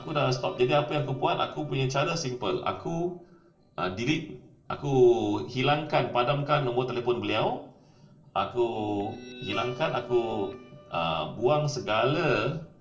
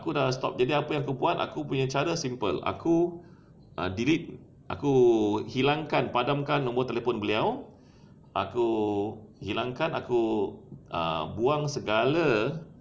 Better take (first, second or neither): second